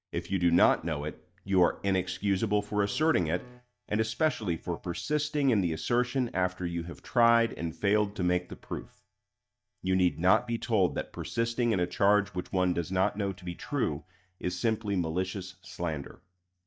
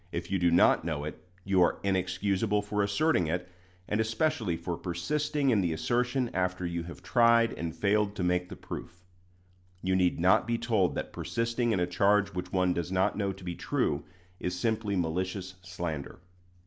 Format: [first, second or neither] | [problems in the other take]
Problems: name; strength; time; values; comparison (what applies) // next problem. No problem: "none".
second | noise reduction (neural mask model DeepFilterNet 3)